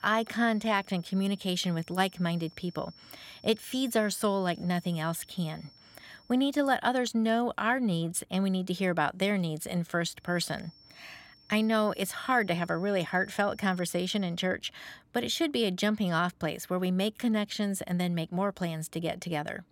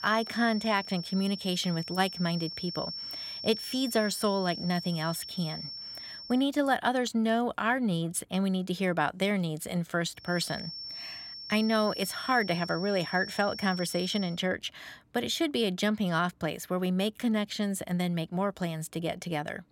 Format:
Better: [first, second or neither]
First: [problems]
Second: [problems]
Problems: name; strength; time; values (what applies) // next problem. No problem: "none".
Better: first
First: high-pitched whine; faint; until 6.5 s and from 10 to 14 s; 5.5 kHz, 25 dB below the speech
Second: high-pitched whine; loud; until 6.5 s and from 10 to 14 s; 5.5 kHz, 9 dB below the speech